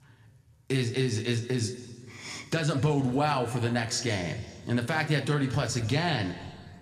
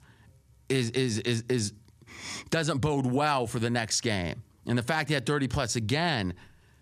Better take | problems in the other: second | room echo; slight; dies away in 1.7 s

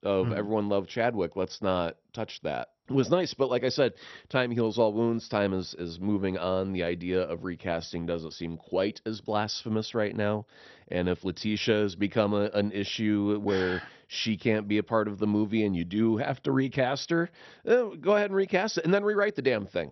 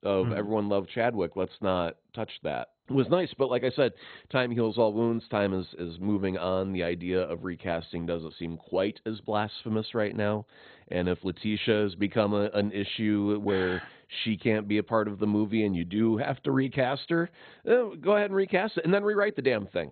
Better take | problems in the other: first | garbled, watery; badly; nothing above 4 kHz; slightly in the first

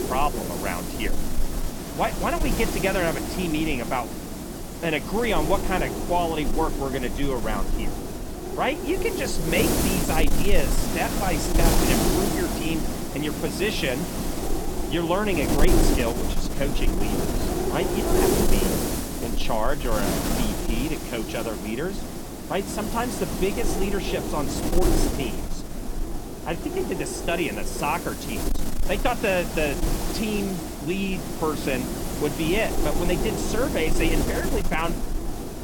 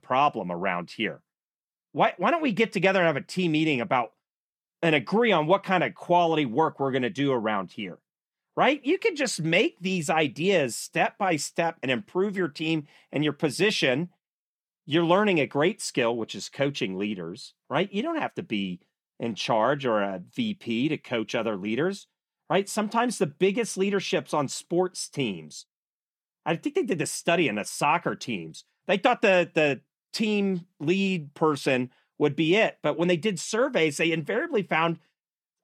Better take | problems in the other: second | wind noise on the microphone; heavy; 3 dB below the speech

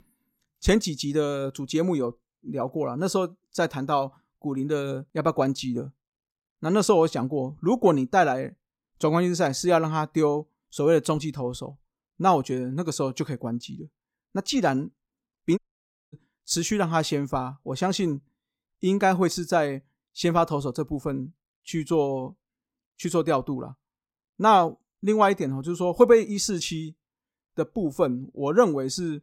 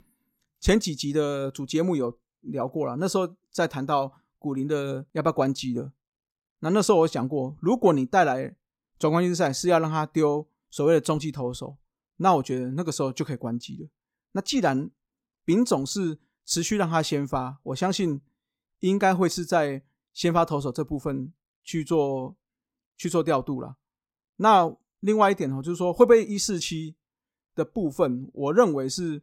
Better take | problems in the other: second | audio cutting out; at 16 s for 0.5 s

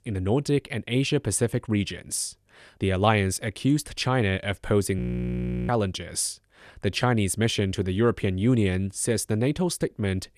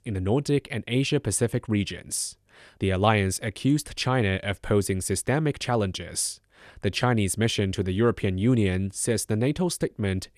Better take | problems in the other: second | audio freezing; at 5 s for 0.5 s

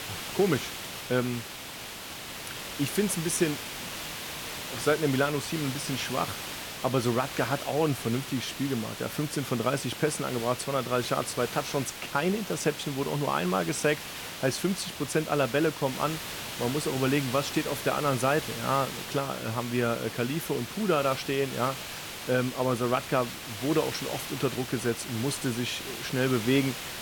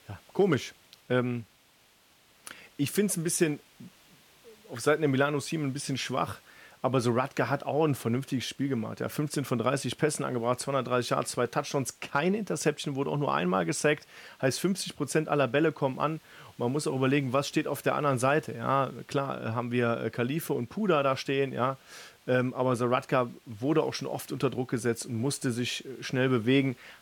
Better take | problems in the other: second | hiss; loud; throughout; 7 dB below the speech; faint in the second

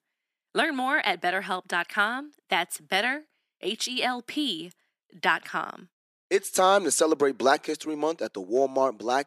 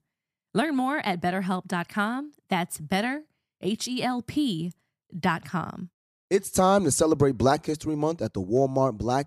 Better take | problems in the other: second | thin; somewhat; fading below 300 Hz

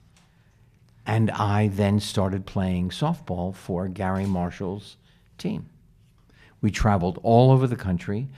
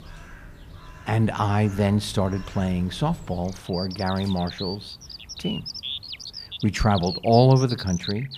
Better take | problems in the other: first | animal sounds; noticeable; throughout; 10 dB below the speech

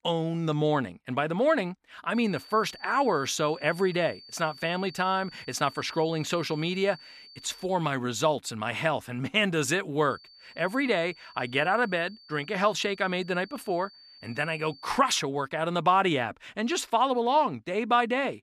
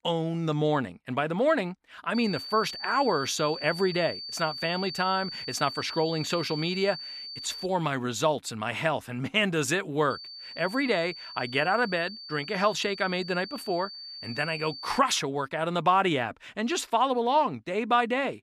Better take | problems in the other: first | high-pitched whine; loud; from 2 to 7.5 s and from 10 to 15 s; 4.5 kHz, 10 dB below the speech; faint in the first

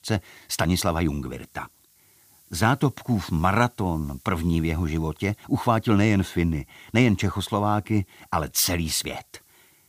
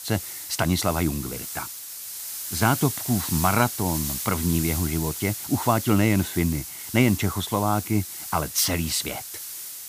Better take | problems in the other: first | hiss; loud; throughout; 6 dB below the speech; faint in the first

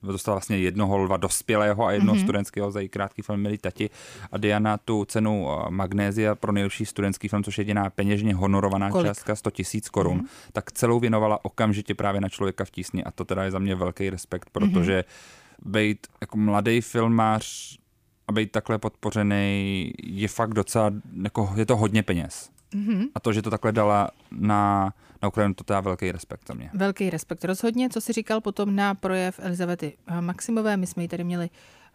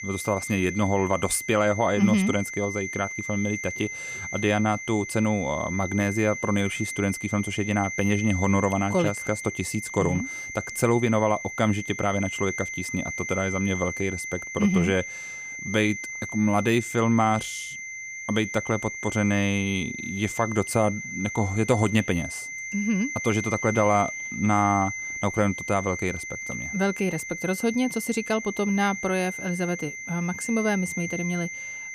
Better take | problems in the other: first | high-pitched whine; loud; throughout; 2 kHz, 7 dB below the speech

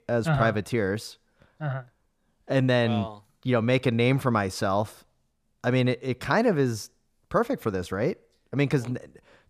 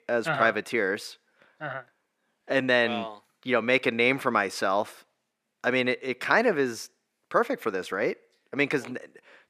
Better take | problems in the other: first | thin; somewhat; fading below 300 Hz

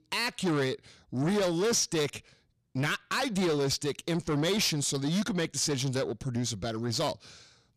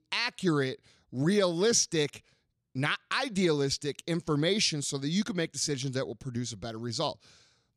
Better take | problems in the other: second | distortion; heavy; 8 dB below the speech

